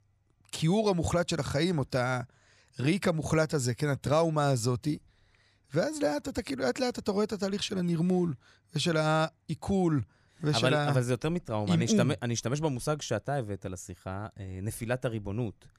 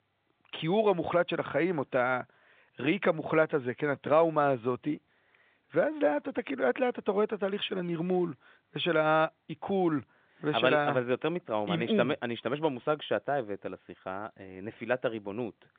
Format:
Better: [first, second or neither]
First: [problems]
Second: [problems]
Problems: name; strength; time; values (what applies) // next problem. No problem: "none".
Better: first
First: none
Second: phone-call audio